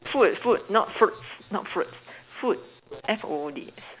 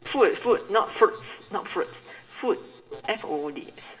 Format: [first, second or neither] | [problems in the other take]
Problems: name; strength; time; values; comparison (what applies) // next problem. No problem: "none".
first | room echo; dies away in 2.6 s